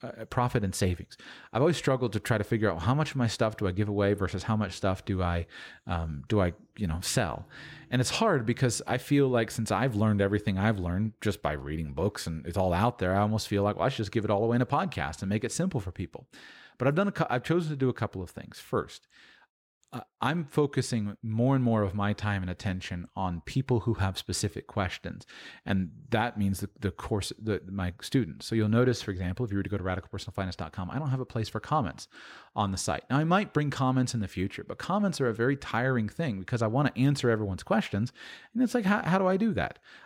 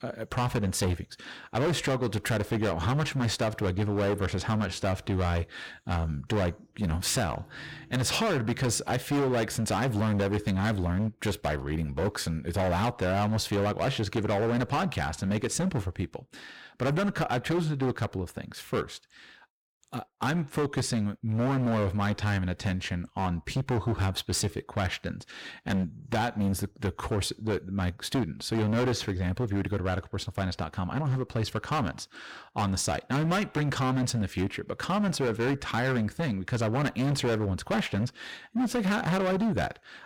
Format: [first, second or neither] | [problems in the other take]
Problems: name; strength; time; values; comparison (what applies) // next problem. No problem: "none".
first | distortion; heavy; 17% of the sound clipped